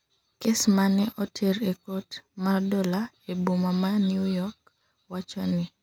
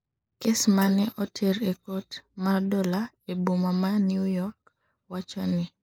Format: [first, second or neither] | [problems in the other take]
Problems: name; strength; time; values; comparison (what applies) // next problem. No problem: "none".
first | noise reduction (neural mask model Resemble Enhance denoiser)